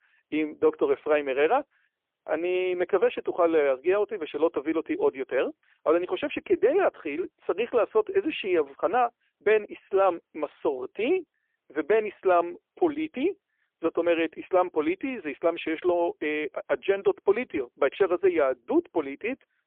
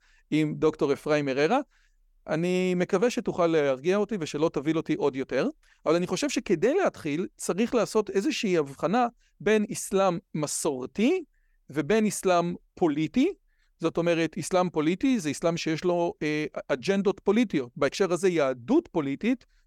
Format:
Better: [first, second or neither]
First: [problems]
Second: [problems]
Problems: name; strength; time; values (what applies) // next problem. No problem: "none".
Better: second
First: phone-call audio; poor line; nothing above 3.5 kHz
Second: none